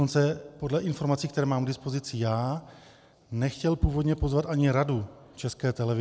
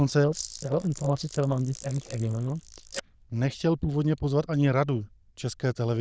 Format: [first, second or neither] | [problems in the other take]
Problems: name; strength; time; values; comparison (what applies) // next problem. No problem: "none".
first | noise reduction (neural diffusion model UNIVERSE++)